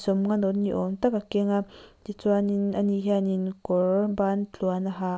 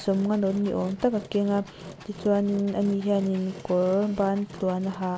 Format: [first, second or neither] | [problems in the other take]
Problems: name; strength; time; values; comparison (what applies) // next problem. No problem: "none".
first | background sound (Engine); 17 dB below the speech